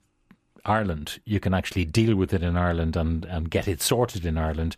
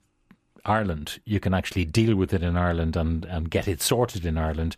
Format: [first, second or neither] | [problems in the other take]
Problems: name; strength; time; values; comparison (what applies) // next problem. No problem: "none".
neither | none